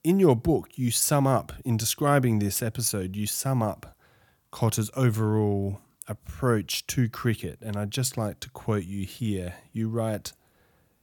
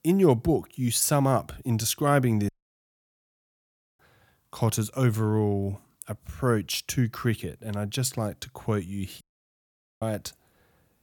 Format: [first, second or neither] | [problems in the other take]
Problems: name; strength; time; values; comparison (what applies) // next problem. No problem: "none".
first | audio cutting out; at 2.5 s for 1.5 s and at 9 s for 1 s